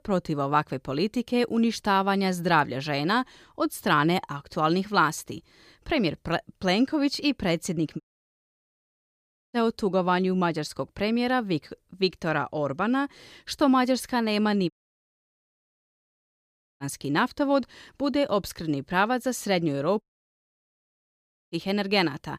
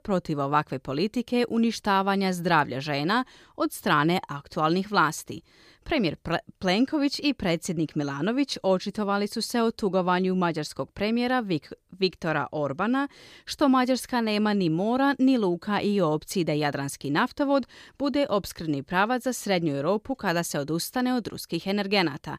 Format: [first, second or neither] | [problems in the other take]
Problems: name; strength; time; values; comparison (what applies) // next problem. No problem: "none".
second | audio cutting out; at 8 s for 1.5 s, at 15 s for 2 s and at 20 s for 1.5 s